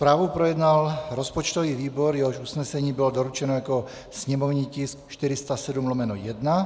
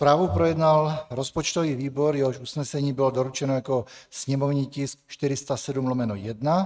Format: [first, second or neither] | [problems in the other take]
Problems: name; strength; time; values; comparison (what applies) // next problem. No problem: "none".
first | noise reduction (neural mask model RNNoise)